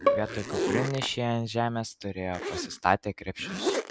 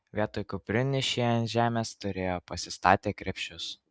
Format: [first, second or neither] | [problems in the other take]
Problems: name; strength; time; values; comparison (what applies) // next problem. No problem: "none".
second | background sound (Zipper (clothing) + Bowed string instrument); 2 dB below the speech